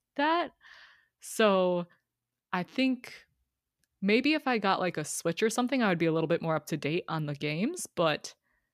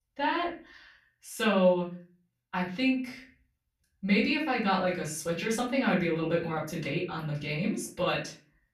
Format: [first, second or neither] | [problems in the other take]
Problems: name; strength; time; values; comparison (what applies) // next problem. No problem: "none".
first | off-mic speech; far // room echo; slight; dies away in 0.3 s